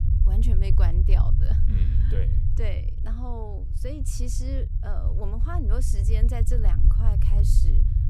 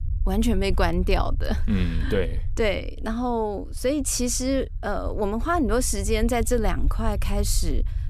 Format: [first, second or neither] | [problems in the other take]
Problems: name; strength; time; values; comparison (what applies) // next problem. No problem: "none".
second | low rumble; loud; throughout; 2 dB below the speech; faint in the second